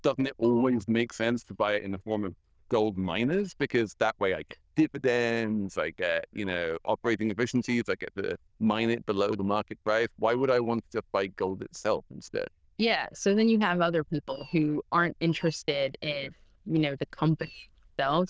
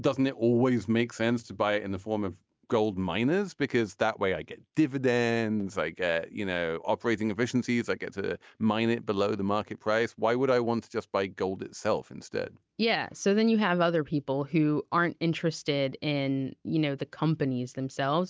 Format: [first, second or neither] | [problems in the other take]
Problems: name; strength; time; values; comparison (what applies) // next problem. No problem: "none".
second | noise reduction (neural diffusion model UNIVERSE++)